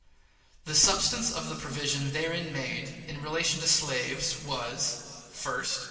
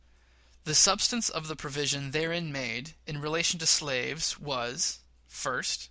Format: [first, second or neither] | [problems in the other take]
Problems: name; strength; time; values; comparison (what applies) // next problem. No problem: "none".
second | background sound (Gunshot, gunfire); 13 dB below the speech // room echo; dies away in 2.5 s